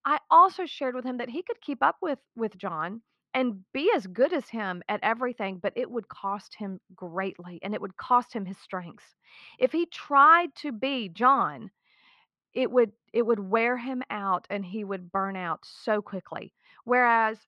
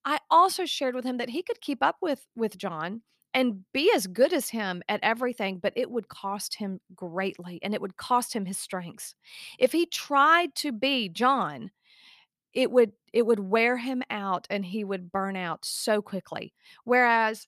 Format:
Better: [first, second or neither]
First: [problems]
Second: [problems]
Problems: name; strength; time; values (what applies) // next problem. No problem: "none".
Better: second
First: muffled; slightly; fading above 2.5 kHz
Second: none